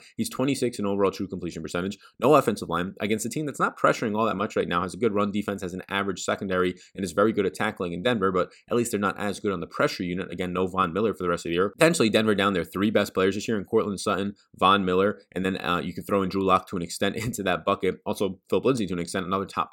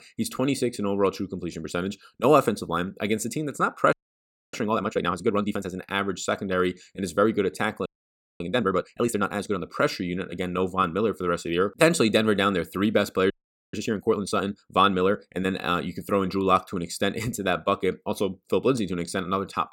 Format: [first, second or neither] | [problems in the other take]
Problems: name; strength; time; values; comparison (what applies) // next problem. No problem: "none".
first | audio freezing; at 4 s for 0.5 s, at 8 s for 0.5 s and at 13 s